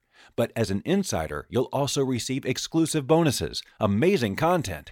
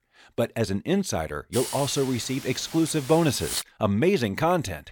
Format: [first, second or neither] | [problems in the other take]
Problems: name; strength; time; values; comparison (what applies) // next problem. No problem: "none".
first | hiss; loud; from 1.5 to 3.5 s; 10 dB below the speech